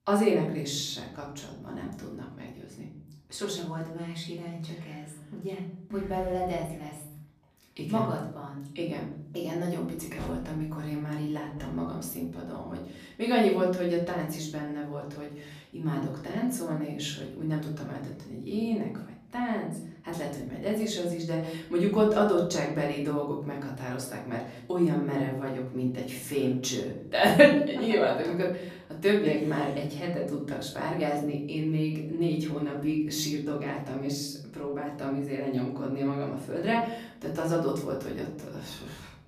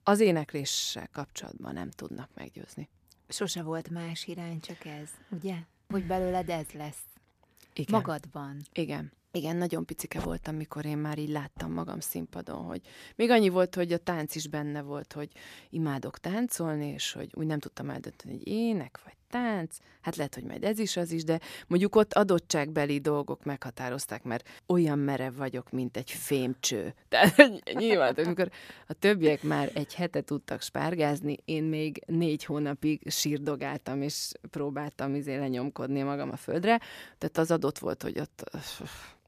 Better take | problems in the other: second | room echo; slight; dies away in 0.7 s // off-mic speech; far

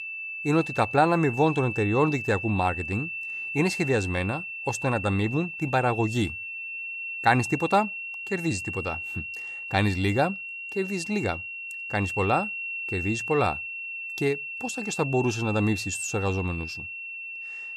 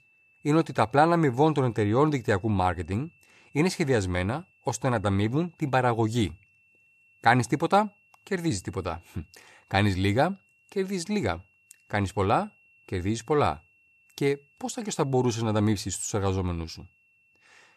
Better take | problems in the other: second | high-pitched whine; loud; throughout; 2.5 kHz, 6 dB below the speech; faint in the second

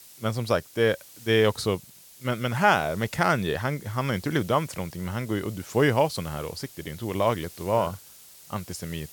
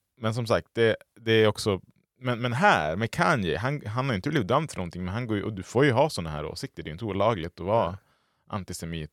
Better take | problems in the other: second | hiss; noticeable; throughout; 20 dB below the speech

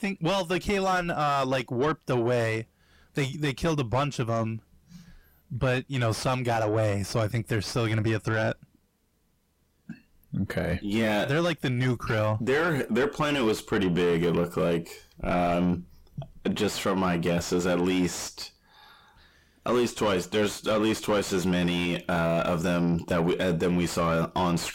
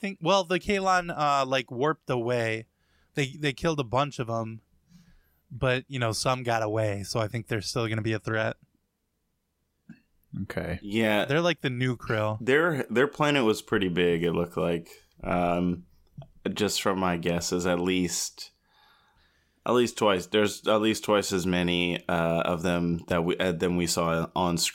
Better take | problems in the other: second | distortion; heavy; 7 dB below the speech

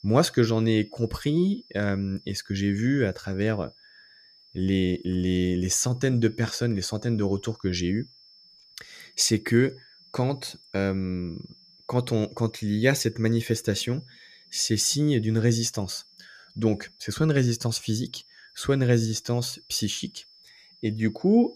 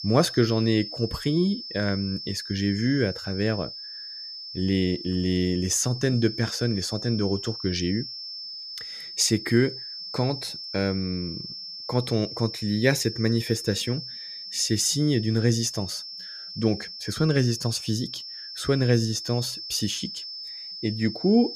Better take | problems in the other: first | high-pitched whine; loud; throughout; 5.5 kHz, 9 dB below the speech; faint in the first

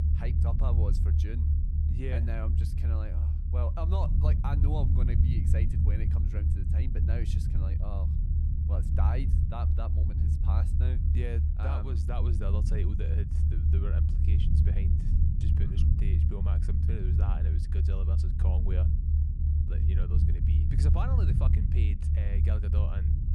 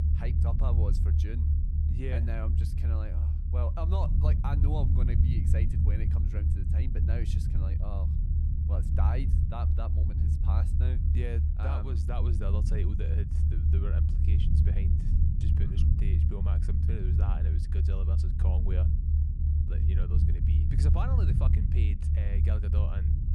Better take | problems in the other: neither | low rumble; loud; throughout; as loud as the speech; the same in both

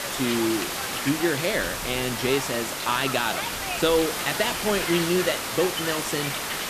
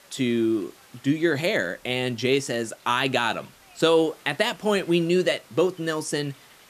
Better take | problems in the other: second | hiss; loud; throughout; 2 dB below the speech; faint in the second

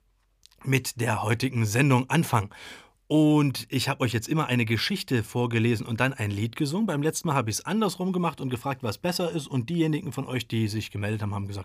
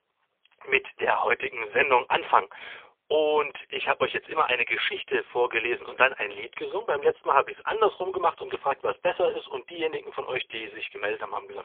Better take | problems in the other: first | phone-call audio; poor line; nothing above 3.5 kHz

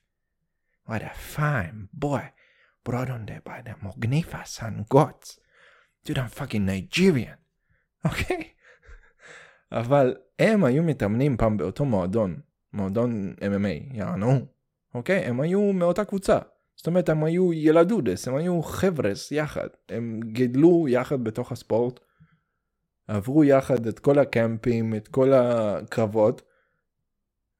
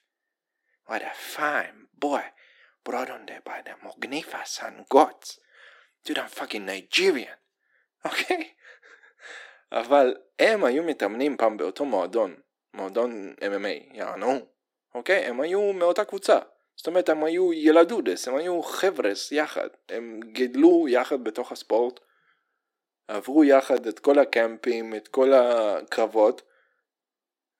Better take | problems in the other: first | thin; somewhat; fading below 300 Hz

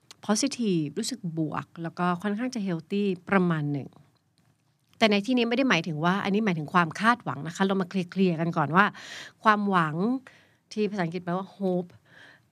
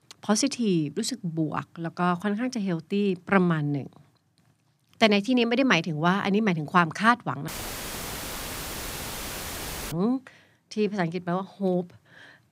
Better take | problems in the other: first | audio cutting out; filled with static; at 7.5 s for 2.5 s

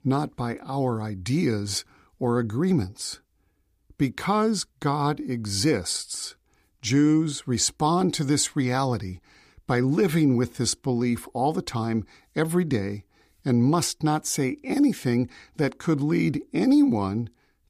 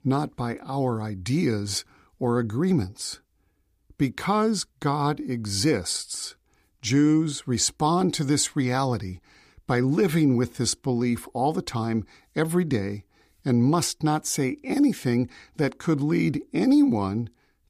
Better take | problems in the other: neither | none

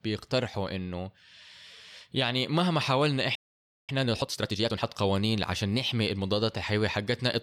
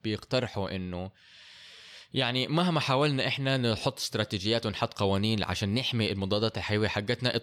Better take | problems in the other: second | audio freezing; at 3.5 s for 0.5 s

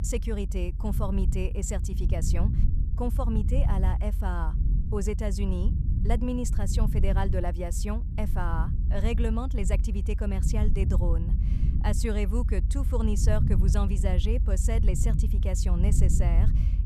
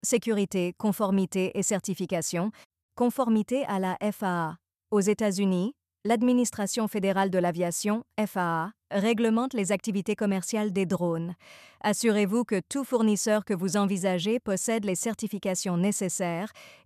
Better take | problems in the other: second | low rumble; loud; throughout; 8 dB below the speech

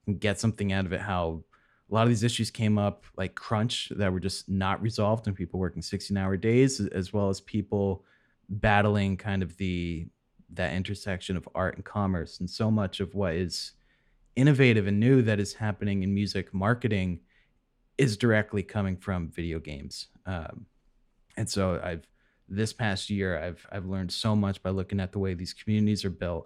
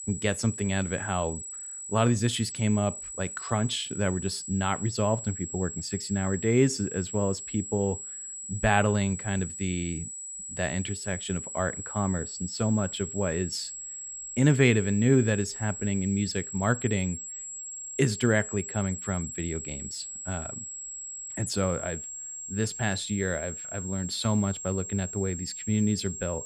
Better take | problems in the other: first | high-pitched whine; loud; throughout; 7.5 kHz, 7 dB below the speech

